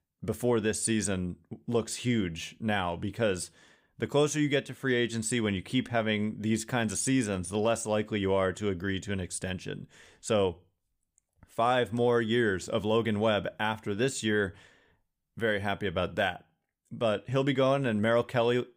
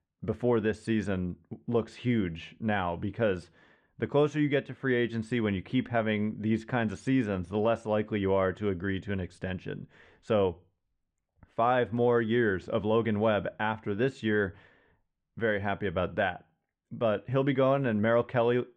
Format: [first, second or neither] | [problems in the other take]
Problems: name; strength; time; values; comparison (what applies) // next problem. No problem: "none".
first | muffled; very; fading above 2 kHz